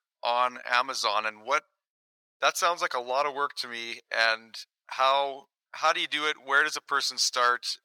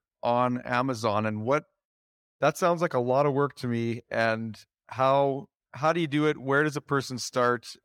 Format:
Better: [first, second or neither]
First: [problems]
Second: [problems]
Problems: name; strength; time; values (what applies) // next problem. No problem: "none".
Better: second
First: thin; very; fading below 1 kHz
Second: none